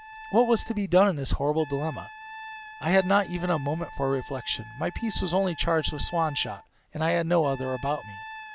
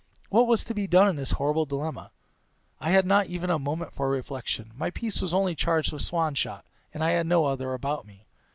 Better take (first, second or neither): second